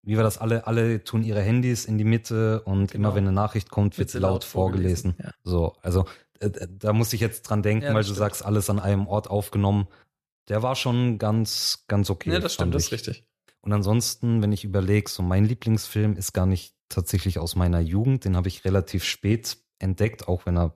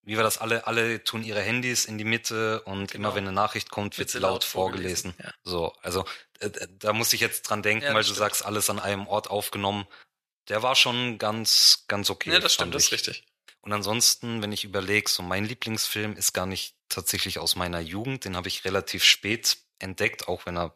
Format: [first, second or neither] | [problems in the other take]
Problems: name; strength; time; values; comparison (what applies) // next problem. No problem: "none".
first | thin; somewhat; fading below 1 kHz